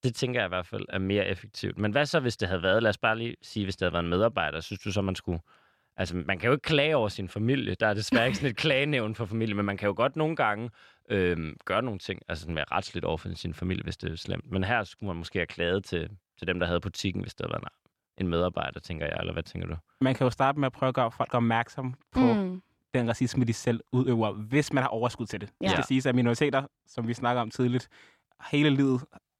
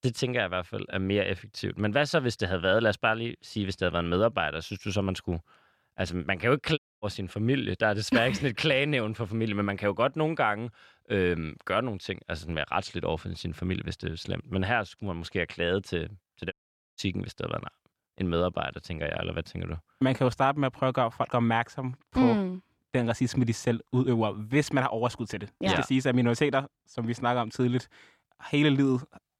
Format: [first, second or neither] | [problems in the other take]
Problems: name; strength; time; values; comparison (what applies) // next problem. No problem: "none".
first | audio cutting out; at 7 s and at 17 s